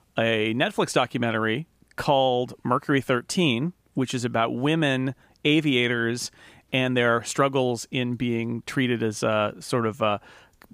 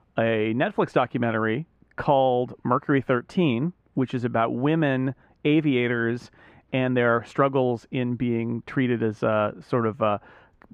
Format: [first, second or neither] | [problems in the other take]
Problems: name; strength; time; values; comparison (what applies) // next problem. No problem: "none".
first | muffled; very; fading above 4 kHz